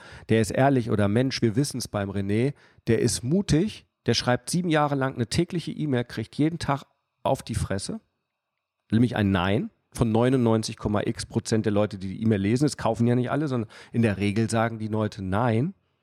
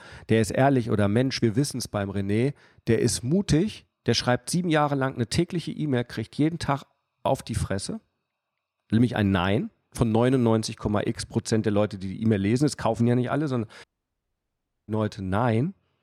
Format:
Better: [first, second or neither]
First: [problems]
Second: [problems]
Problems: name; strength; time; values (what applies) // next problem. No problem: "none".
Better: first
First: none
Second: audio cutting out; at 14 s for 1 s